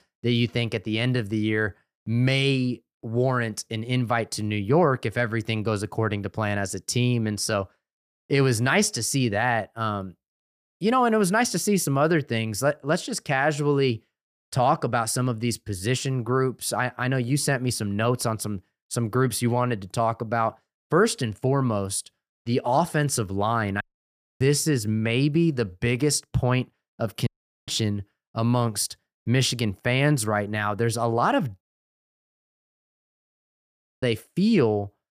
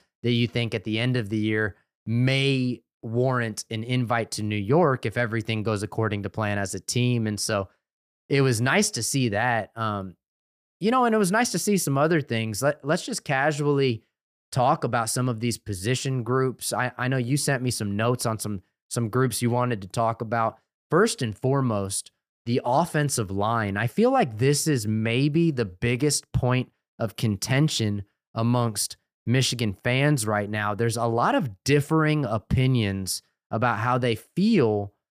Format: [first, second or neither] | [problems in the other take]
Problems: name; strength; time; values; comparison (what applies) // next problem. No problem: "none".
second | audio cutting out; at 24 s for 0.5 s, at 27 s and at 32 s for 2.5 s